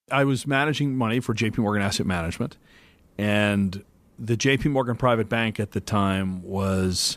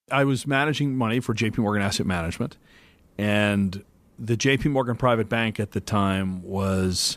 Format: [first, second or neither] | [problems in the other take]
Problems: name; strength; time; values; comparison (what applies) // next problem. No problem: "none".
neither | none